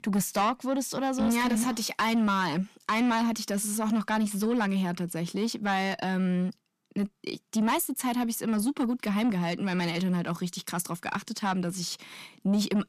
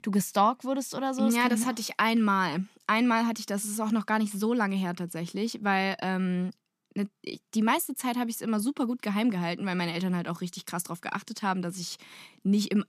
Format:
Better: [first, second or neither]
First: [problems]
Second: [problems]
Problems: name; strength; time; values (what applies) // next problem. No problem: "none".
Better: second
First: distortion; slight; 10 dB below the speech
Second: none